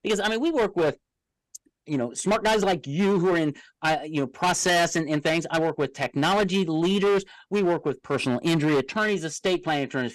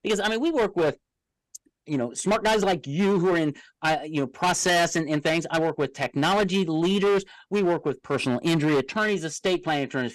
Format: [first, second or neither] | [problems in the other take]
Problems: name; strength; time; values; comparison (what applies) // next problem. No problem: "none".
neither | distortion; heavy; 16% of the sound clipped; the same in both